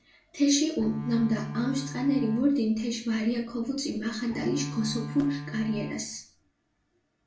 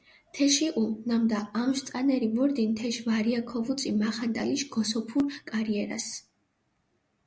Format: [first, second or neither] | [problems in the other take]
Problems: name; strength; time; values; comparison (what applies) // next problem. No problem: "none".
second | background sound (Bowed string instrument); 10 dB below the speech // room echo; dies away in 0.3 s